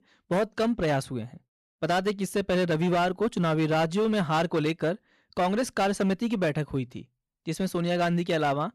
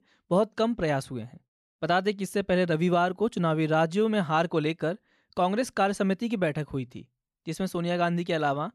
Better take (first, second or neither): second